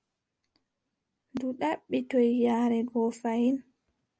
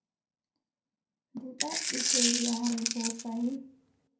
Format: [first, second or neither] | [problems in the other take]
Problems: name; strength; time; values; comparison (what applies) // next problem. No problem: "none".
first | background sound (Coin (dropping)); 4 dB above the speech // room echo; dies away in 0.5 s